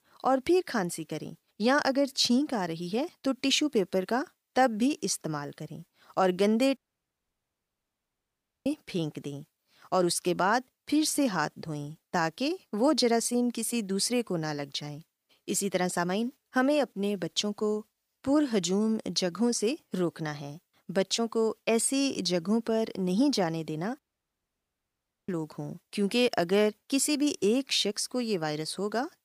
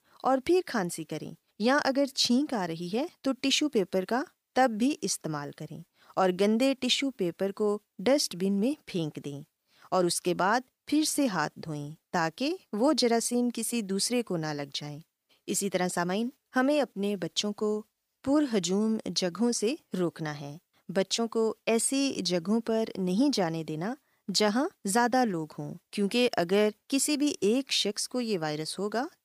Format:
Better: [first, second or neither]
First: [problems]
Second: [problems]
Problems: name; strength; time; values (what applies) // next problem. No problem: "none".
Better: second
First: audio cutting out; at 7 s for 2 s and at 24 s for 1.5 s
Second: none